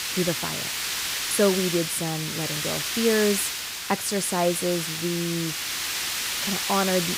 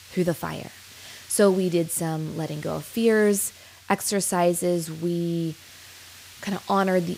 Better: second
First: hiss; loud; throughout; 1 dB below the speech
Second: hiss; faint; throughout; 20 dB below the speech

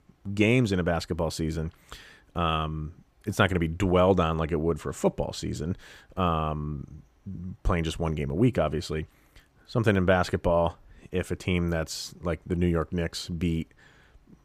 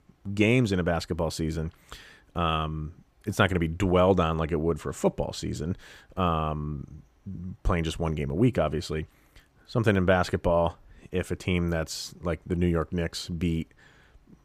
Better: neither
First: none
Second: none

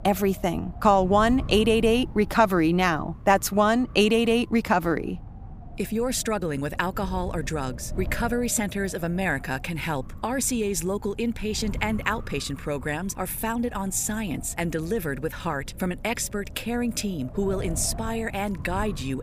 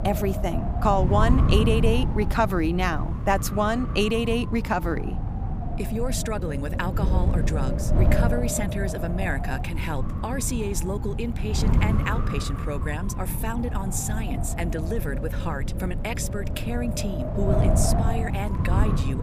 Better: first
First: wind noise on the microphone; occasional gusts; 20 dB below the speech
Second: wind noise on the microphone; heavy; 6 dB below the speech

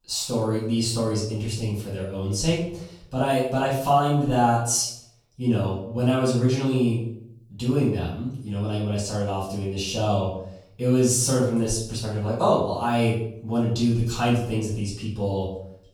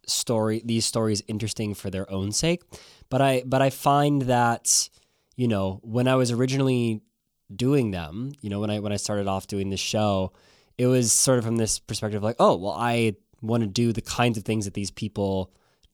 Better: second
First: off-mic speech; far // room echo; noticeable; dies away in 0.6 s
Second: none

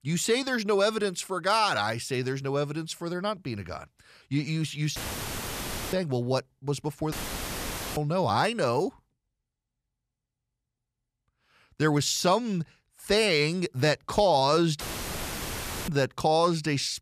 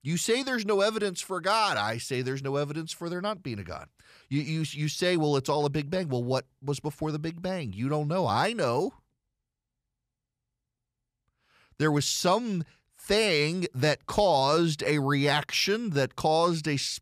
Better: second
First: audio cutting out; filled with static; at 5 s for 1 s, at 7 s for 1 s and at 15 s for 1 s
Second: none

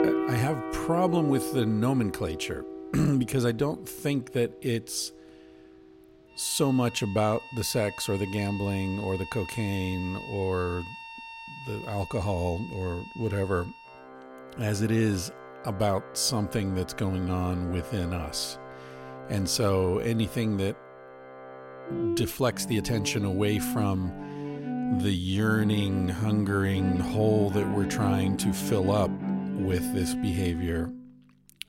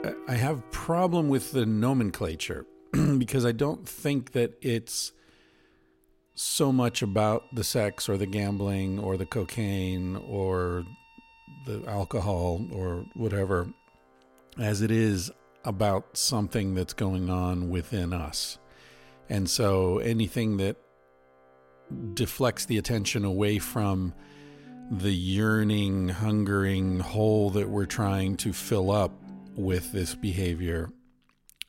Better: second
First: background music; loud; throughout; 7 dB below the speech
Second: background music; faint; throughout; 20 dB below the speech

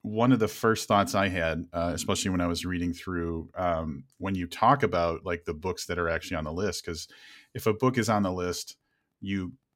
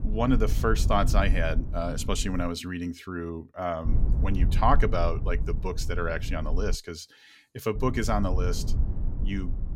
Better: first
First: none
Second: low rumble; noticeable; until 2.5 s, from 4 to 7 s and from 8 s on; 15 dB below the speech

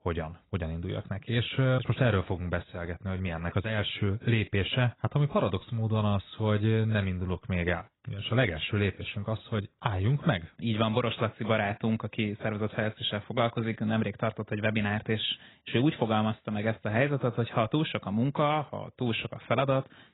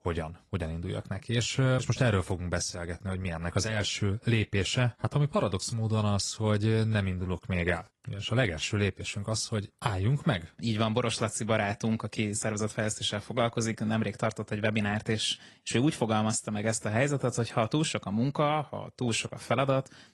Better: second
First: garbled, watery; badly; nothing above 4 kHz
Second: garbled, watery; slightly

